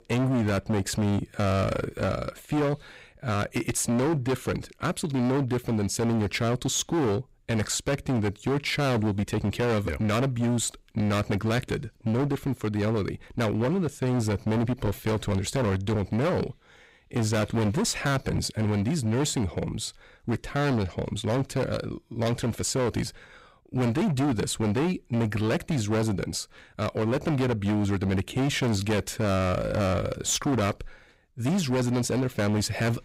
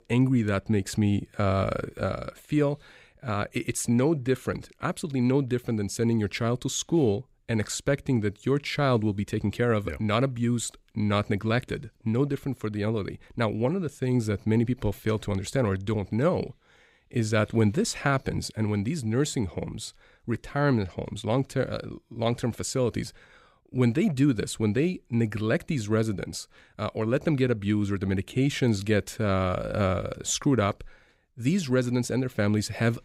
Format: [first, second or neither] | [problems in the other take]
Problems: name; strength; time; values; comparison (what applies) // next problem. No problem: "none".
second | distortion; heavy; 22% of the sound clipped